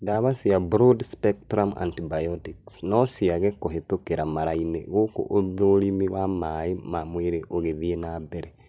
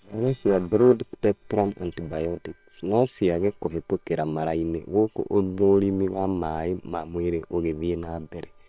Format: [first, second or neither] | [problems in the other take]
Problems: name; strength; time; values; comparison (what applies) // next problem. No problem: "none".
first | noise reduction (neural separator model SepFormer WHAM!)